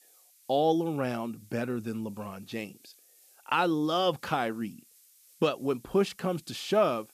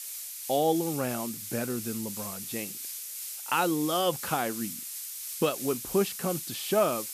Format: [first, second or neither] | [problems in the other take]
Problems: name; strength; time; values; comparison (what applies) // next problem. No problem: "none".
first | hiss; loud; throughout; 5 dB below the speech; faint in the first